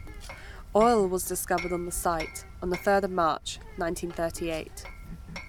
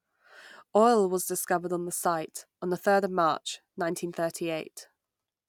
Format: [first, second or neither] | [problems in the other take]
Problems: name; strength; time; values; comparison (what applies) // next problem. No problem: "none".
second | background sound (Hammer + Bird); 12 dB below the speech